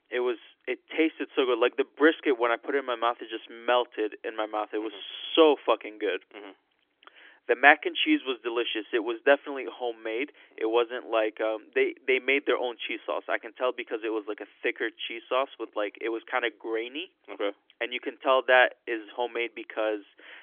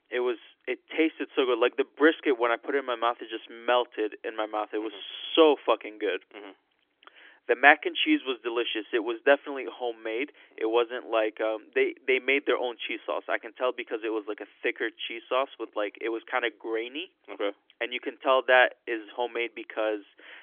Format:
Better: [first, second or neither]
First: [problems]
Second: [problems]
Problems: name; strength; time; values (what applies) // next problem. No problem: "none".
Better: neither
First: phone-call audio; nothing above 3.5 kHz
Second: phone-call audio; nothing above 3.5 kHz